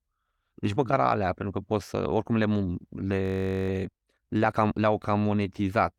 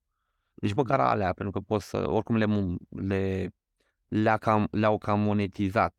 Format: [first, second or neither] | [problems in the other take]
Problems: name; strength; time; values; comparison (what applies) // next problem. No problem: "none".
second | audio freezing; at 3 s